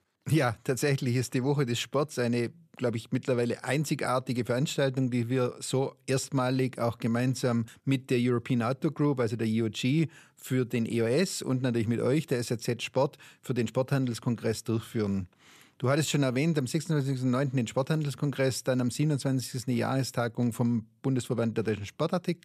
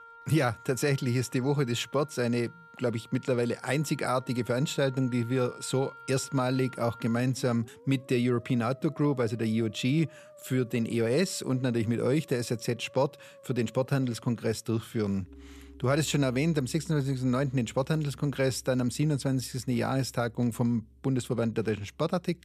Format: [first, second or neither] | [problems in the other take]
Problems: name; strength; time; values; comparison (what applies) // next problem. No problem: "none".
first | background music; faint; throughout; 25 dB below the speech